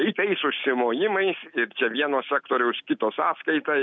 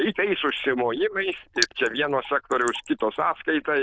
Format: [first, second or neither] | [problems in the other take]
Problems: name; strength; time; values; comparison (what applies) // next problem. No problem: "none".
first | noise reduction (neural diffusion model UNIVERSE++)